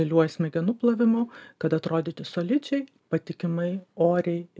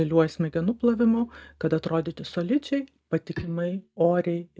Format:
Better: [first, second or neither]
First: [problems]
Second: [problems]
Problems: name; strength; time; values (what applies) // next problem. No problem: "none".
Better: first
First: none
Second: noise reduction (neural mask model DeepFilterNet 3)